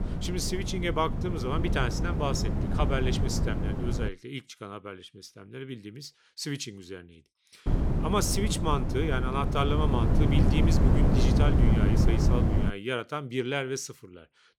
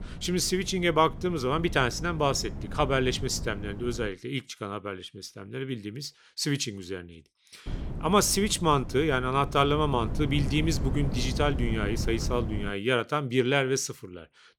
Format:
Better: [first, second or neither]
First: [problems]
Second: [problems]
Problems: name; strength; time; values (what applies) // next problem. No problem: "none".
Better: second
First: wind noise on the microphone; heavy; until 4 s and from 7.5 to 13 s; 3 dB below the speech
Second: wind noise on the microphone; occasional gusts; until 4 s and from 7.5 to 13 s; 15 dB below the speech